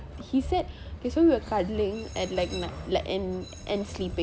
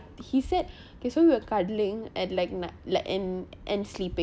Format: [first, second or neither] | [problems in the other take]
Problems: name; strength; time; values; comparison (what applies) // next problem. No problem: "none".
second | background sound (Train); 11 dB below the speech